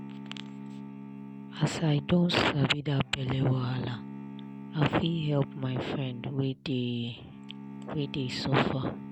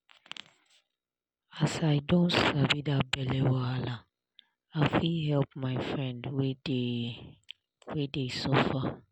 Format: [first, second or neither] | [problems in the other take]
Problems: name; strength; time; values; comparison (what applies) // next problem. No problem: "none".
second | background sound (Bowed string instrument); 12 dB below the speech